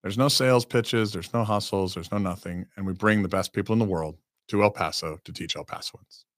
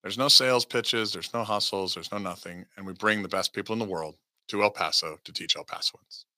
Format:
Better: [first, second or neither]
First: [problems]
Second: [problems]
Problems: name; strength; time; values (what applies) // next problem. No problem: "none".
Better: first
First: none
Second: thin; very slightly; fading below 1 kHz